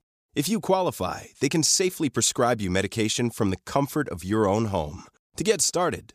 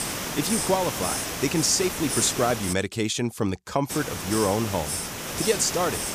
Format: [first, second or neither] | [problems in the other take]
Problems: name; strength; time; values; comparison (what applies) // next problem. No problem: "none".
first | hiss; loud; until 2.5 s and from 4 s on; 3 dB below the speech